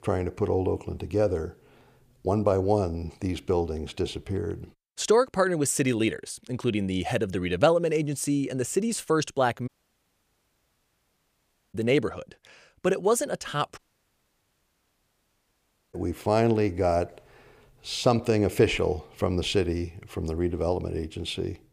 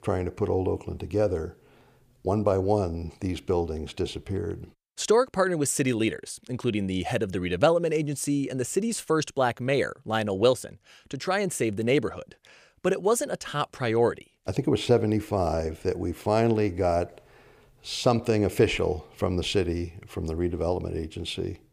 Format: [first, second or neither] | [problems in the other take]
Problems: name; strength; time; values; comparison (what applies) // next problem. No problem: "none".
second | audio cutting out; at 9.5 s for 2 s and at 14 s for 2 s